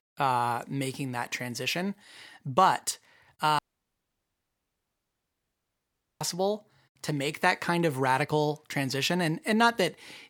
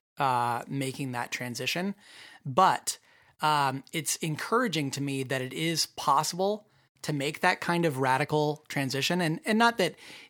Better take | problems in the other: second | audio cutting out; at 3.5 s for 2.5 s

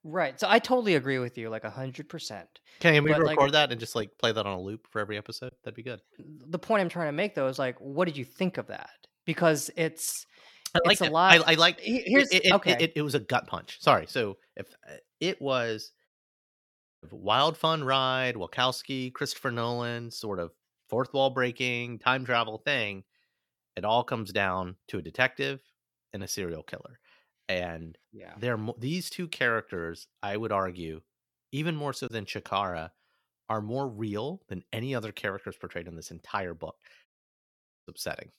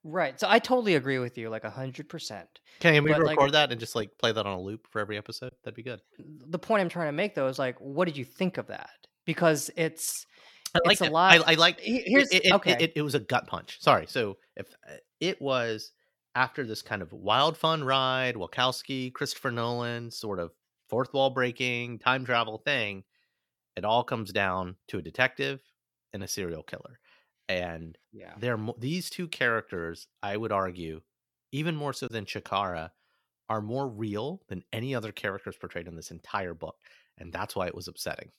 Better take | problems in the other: second | audio cutting out; at 16 s for 1 s and at 37 s for 1 s

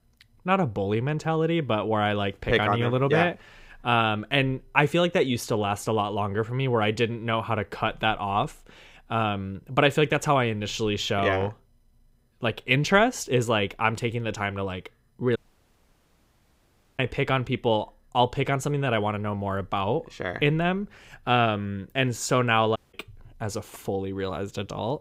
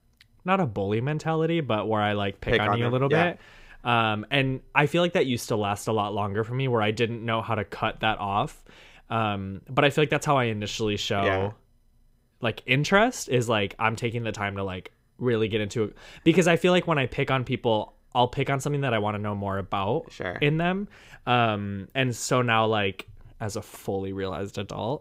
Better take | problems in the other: second | audio cutting out; at 15 s for 1.5 s and at 23 s

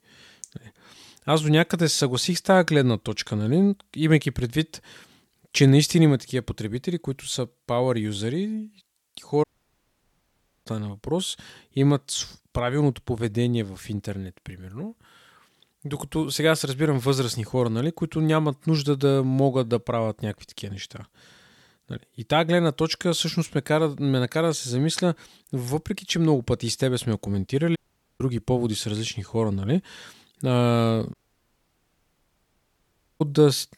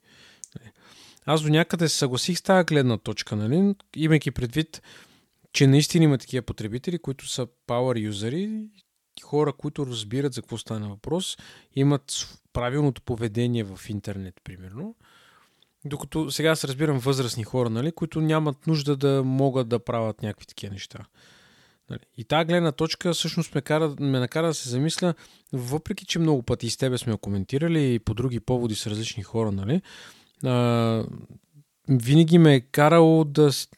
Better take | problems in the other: second | audio cutting out; at 9.5 s for 1 s, at 28 s and at 31 s for 2 s

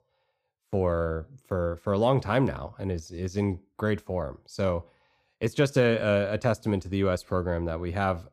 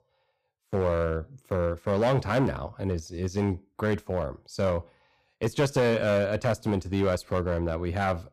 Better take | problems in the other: first | distortion; slight; 5% of the sound clipped

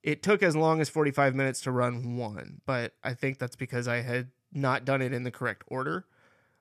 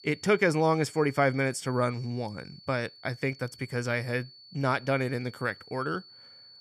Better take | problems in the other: first | high-pitched whine; faint; throughout; 4.5 kHz, 20 dB below the speech

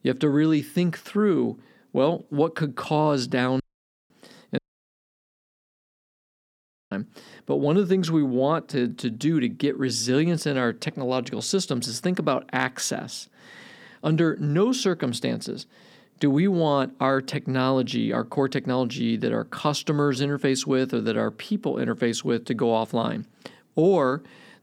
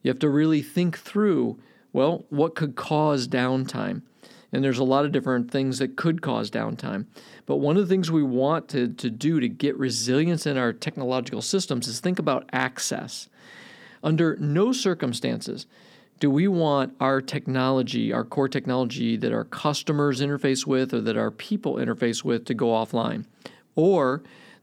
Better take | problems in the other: second | audio cutting out; at 3.5 s and at 4.5 s for 2.5 s

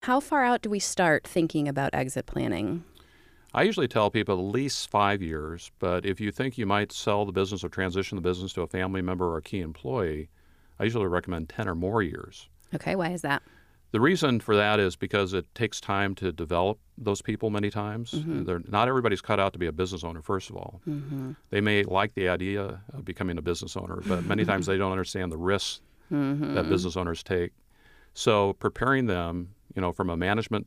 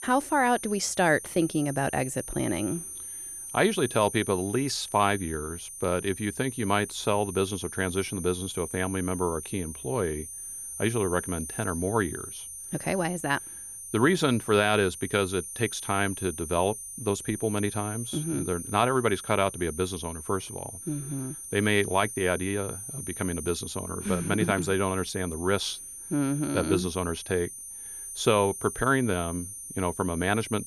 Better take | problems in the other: first | high-pitched whine; loud; throughout; 9.5 kHz, 9 dB below the speech

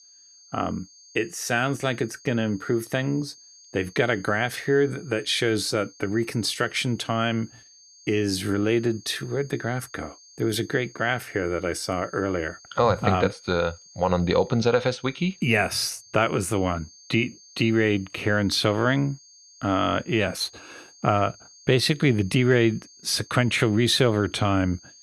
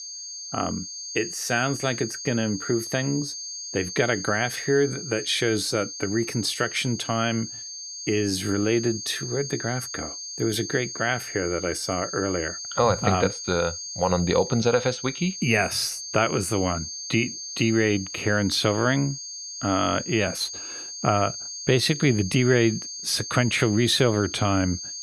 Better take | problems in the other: first | high-pitched whine; loud; throughout; 6.5 kHz, 8 dB below the speech; faint in the first

